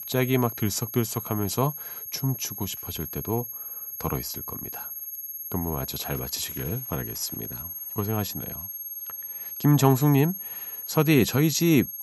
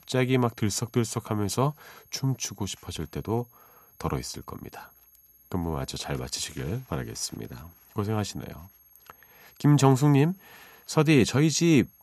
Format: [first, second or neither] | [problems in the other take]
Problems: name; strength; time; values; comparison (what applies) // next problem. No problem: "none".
second | high-pitched whine; loud; throughout; 11.5 kHz, 7 dB below the speech; faint in the second